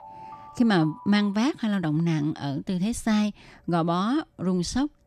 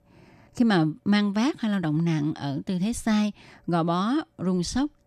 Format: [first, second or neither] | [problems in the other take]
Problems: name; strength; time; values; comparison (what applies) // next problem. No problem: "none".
second | alarms or sirens; faint; throughout; 20 dB below the speech